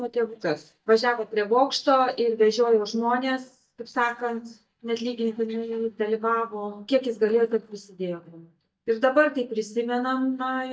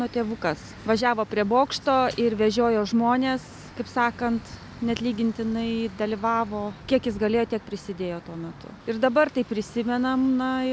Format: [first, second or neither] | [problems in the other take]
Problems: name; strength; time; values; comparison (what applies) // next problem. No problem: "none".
second | noise reduction (neural mask model DeepFilterNet 3)